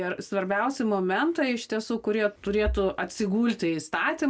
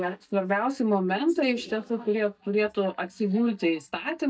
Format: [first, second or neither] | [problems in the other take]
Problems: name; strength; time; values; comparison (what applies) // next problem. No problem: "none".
first | noise reduction (neural mask model DeepFilterNet 3)